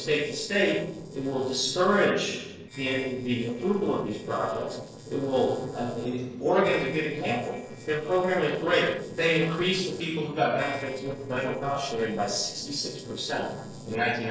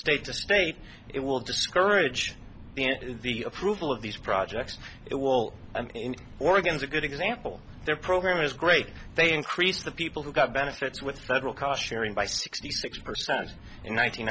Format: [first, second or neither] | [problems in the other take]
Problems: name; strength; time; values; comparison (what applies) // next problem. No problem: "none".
second | noise reduction (neural separator model SepFormer DNS4)